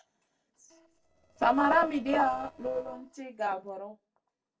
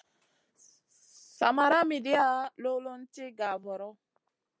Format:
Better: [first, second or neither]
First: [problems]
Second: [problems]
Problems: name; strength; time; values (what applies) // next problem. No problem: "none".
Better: second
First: noise reduction (neural separator model SepFormer DNS4)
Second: none